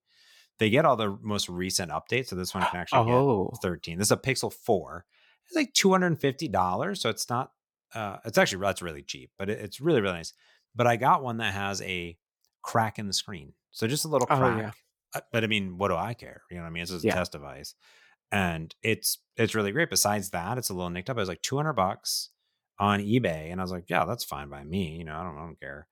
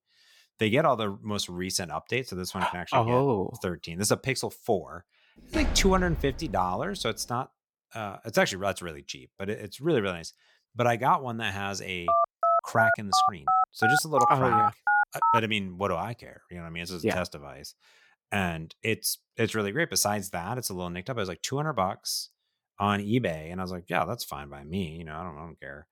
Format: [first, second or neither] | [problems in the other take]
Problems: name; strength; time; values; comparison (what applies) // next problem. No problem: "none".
first | door banging; noticeable; from 5.5 to 6.5 s; peak 3 dB below the speech // phone ringing; loud; from 12 to 15 s; peak 5 dB above the speech